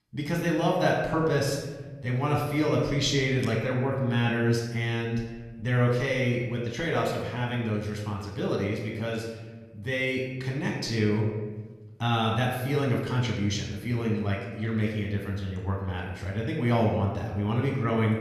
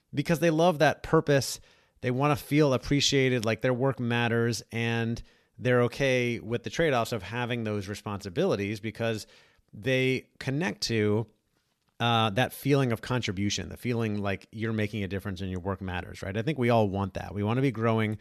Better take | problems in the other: second | off-mic speech; far // room echo; noticeable; dies away in 1.2 s

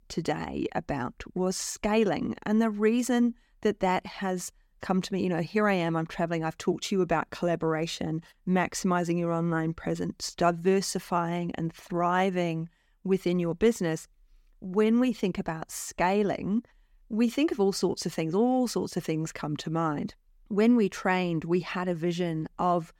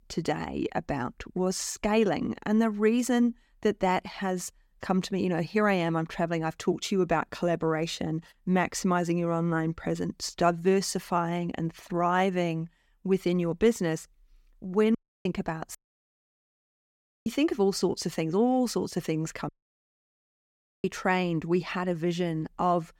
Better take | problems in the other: first | audio cutting out; at 15 s, at 16 s for 1.5 s and at 19 s for 1.5 s

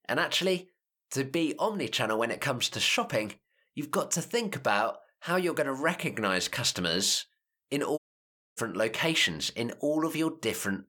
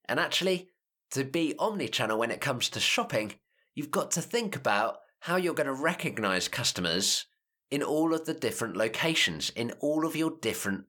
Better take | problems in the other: second | audio cutting out; at 8 s for 0.5 s

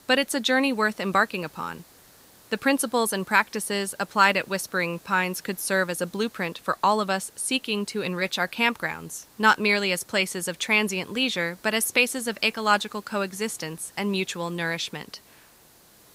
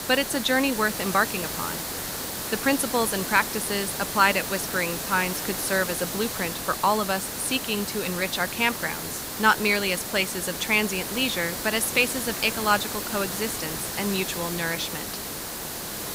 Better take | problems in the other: first | hiss; loud; throughout; 5 dB below the speech; faint in the first

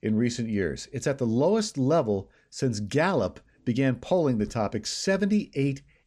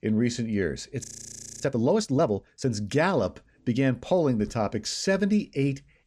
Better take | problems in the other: first | audio freezing; at 1 s for 0.5 s

